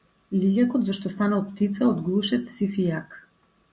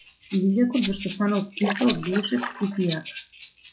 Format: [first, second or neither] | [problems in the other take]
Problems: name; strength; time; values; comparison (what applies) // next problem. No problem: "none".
first | noise reduction (classical method log-MMSE)